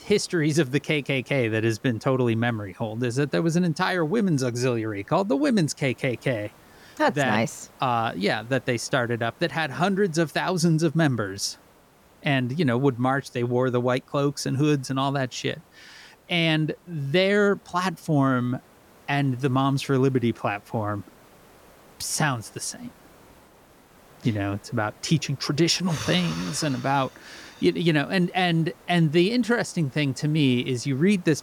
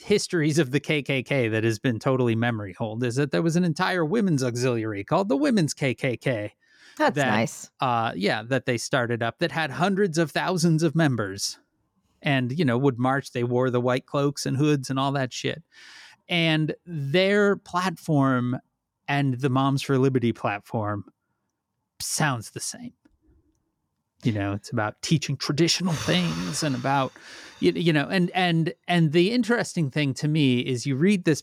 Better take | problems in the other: second | hiss; faint; throughout; 30 dB below the speech

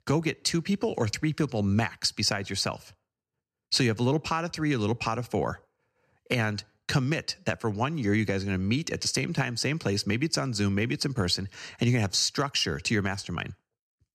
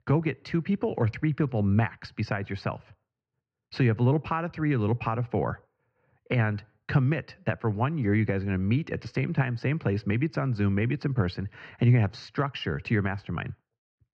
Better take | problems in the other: first | muffled; very; fading above 2.5 kHz

